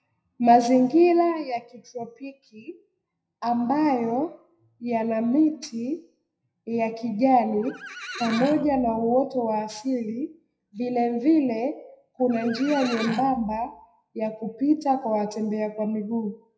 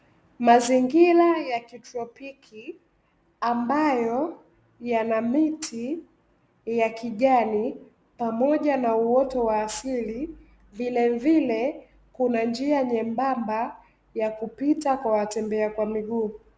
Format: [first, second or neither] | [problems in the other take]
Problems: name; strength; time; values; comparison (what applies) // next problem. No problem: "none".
second | noise reduction (classical method WPE with log-MMSE)